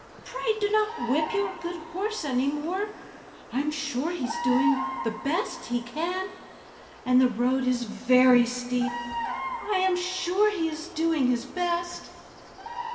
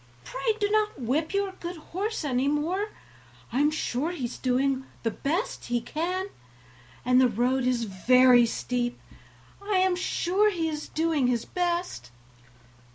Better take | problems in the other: second | background sound (Bird vocalization, bird call, bird song); 11 dB below the speech // room echo; dies away in 2.1 s

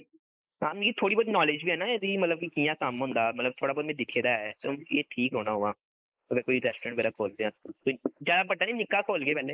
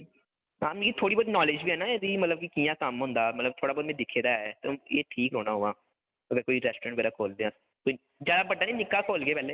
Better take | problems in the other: second | noise reduction (neural mask model Resemble Enhance denoiser)

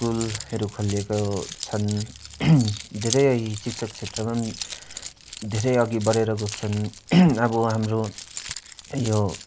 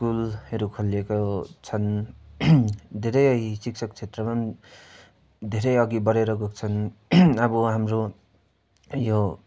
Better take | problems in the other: second | background sound (Keys jangling); 13 dB below the speech

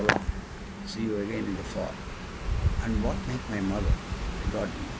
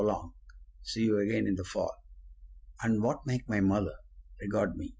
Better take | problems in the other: second | background sound (Hands); 3 dB above the speech

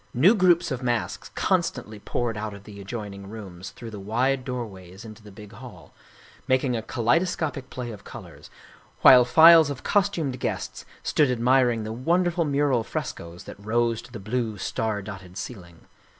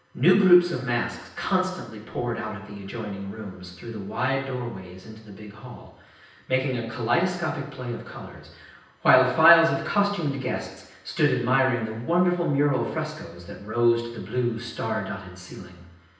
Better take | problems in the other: first | room echo; dies away in 0.9 s

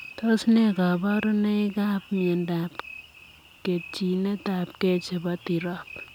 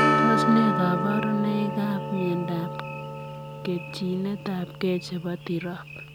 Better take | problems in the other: first | background sound (Strum + Percussion); 1 dB below the speech

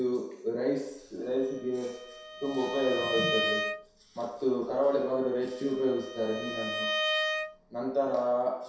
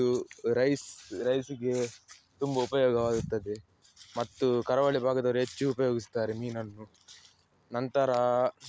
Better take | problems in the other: second | background sound (Bowed string instrument); 5 dB below the speech // room echo; dies away in 0.7 s

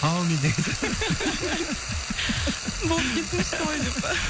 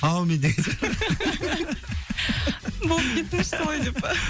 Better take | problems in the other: second | background sound (Frying (food)); 7 dB below the speech

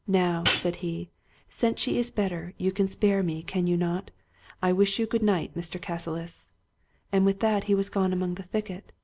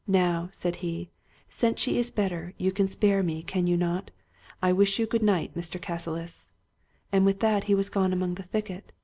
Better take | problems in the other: second | background sound (Hi-hat); 1 dB below the speech

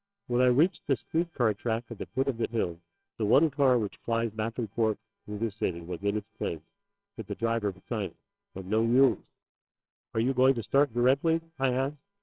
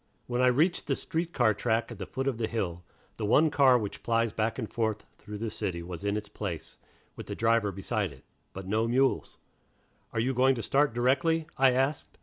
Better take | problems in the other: second | noise reduction (neural separator model SepFormer WHAMR!)

